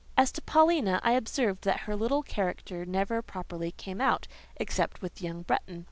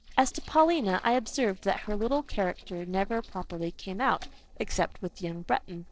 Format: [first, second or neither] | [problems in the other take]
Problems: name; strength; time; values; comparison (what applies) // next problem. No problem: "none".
first | noise reduction (neural separator model SepFormer DNS4)